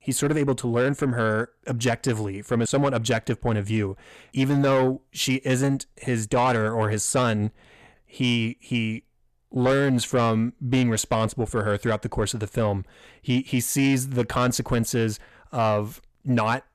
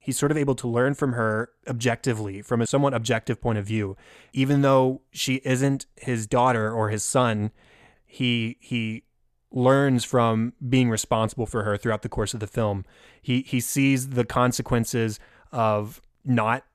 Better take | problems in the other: second | distortion; slight; 10 dB below the speech

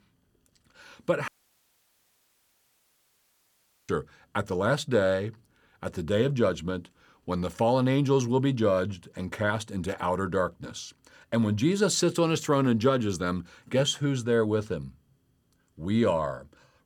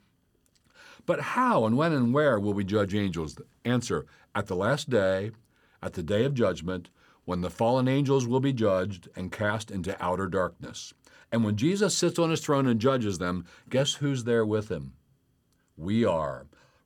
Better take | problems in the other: second | audio cutting out; at 1.5 s for 2.5 s

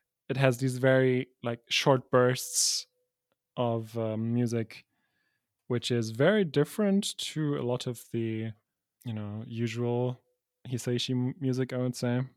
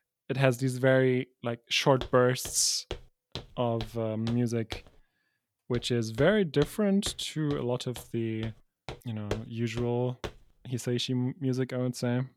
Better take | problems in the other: first | footsteps; faint; from 2 to 10 s; peak 10 dB below the speech

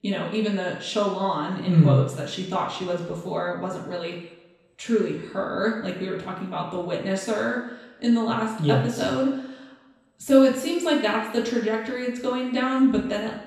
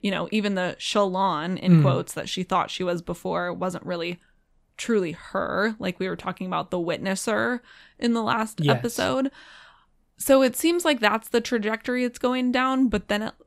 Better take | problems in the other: second | room echo; noticeable; dies away in 0.8 s // off-mic speech; far

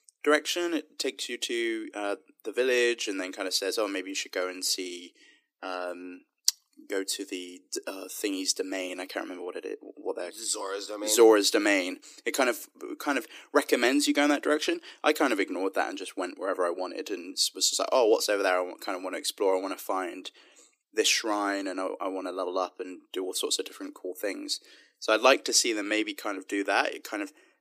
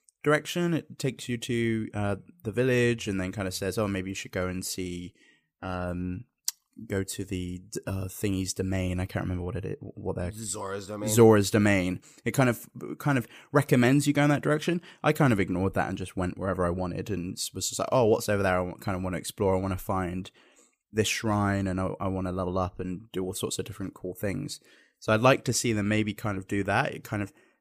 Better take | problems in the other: second | thin; somewhat; fading below 300 Hz

